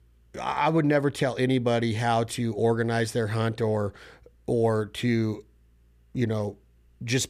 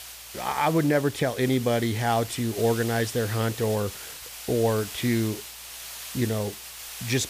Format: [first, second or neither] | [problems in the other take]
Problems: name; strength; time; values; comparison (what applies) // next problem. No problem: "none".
first | hiss; noticeable; throughout; 10 dB below the speech